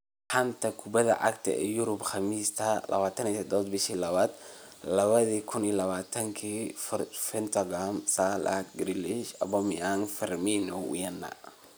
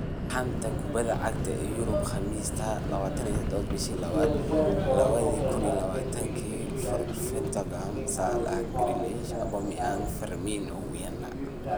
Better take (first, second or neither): first